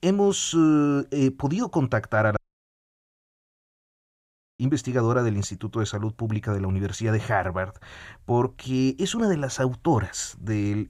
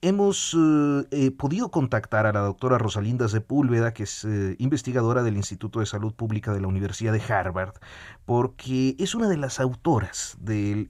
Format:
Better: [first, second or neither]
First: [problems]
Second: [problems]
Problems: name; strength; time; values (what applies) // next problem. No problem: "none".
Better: second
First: audio cutting out; at 2.5 s for 2 s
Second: none